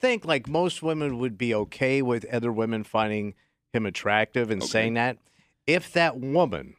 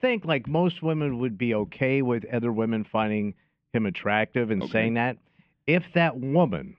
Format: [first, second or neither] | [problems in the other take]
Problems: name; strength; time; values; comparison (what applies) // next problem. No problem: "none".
first | muffled; very; fading above 3 kHz